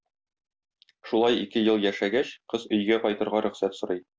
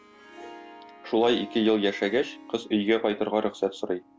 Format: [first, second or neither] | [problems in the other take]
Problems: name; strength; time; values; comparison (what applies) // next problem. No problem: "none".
first | background sound (Harp); 20 dB below the speech